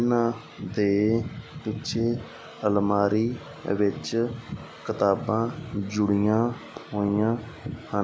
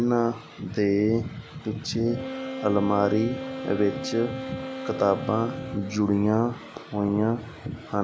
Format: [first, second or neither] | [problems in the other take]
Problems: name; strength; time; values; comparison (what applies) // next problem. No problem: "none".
first | background sound (Wind instrument, woodwind instrument); 11 dB below the speech